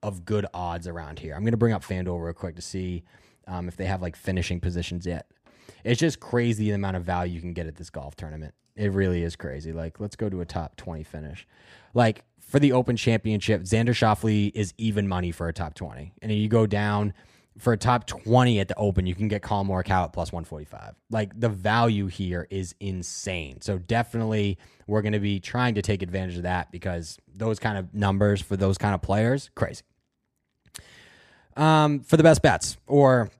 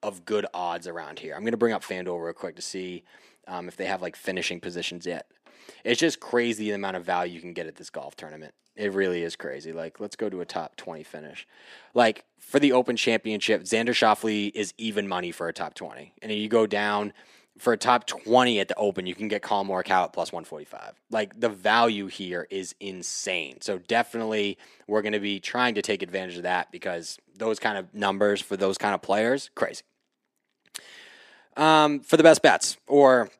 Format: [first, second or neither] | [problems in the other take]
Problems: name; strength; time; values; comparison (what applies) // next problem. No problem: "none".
first | thin; somewhat; fading below 250 Hz